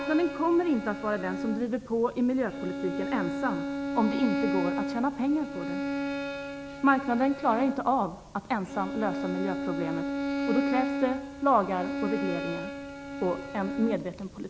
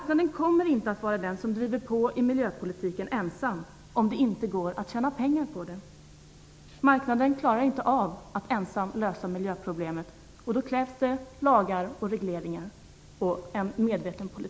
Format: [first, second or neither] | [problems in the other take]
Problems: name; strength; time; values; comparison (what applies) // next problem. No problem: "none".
second | background sound (Bowed string instrument); 4 dB below the speech